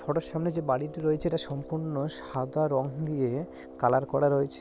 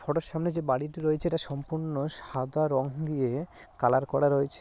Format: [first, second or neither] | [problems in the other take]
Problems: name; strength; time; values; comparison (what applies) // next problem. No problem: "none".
second | background sound (Brass instrument); 16 dB below the speech